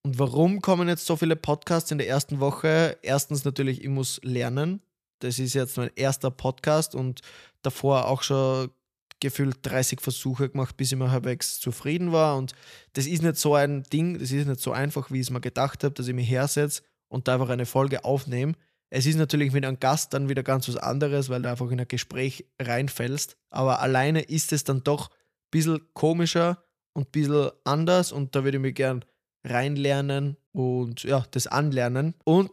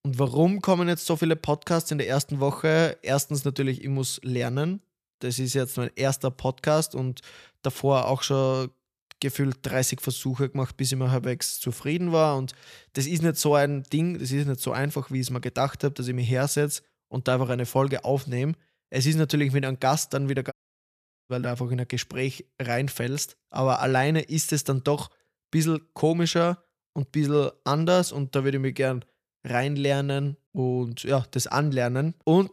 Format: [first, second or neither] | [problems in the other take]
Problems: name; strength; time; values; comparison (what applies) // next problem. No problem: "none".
first | audio cutting out; at 21 s for 1 s